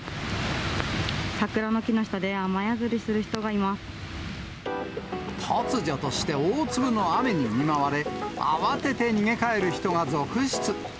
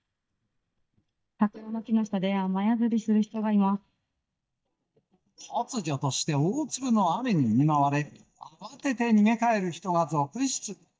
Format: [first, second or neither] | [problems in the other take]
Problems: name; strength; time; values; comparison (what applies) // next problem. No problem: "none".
first | noise reduction (neural mask model DeepFilterNet 3)